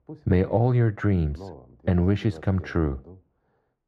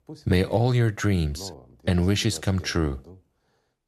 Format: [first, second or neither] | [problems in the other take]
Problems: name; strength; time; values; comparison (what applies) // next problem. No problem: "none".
second | muffled; very; fading above 3.5 kHz